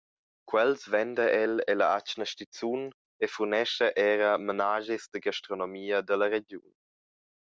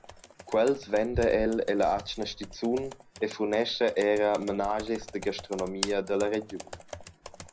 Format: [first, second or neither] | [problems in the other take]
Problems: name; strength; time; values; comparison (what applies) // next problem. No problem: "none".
first | background sound (Computer keyboard); 13 dB below the speech // room echo; dies away in 0.4 s